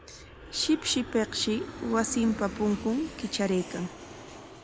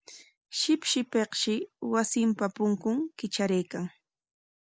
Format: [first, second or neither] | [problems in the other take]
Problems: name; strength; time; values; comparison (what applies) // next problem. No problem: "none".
second | background sound (Aircraft); 12 dB below the speech